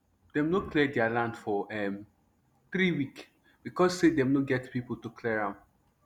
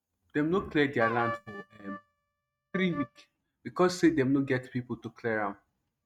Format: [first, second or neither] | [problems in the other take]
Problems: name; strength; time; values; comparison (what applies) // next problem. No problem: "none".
first | noise reduction (neural mask model RNNoise)